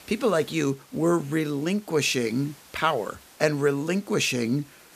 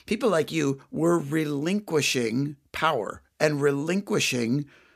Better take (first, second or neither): second